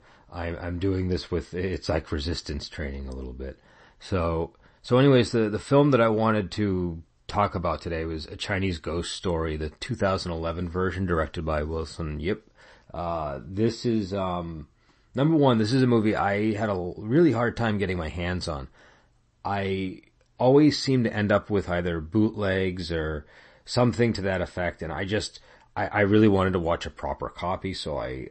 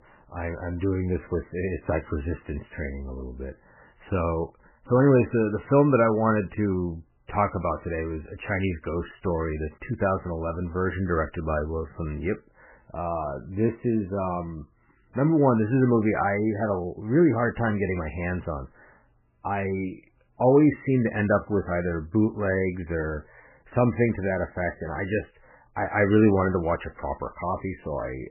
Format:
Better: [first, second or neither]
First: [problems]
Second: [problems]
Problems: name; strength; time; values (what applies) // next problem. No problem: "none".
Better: first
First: garbled, watery; slightly; nothing above 8 kHz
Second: garbled, watery; badly; nothing above 2.5 kHz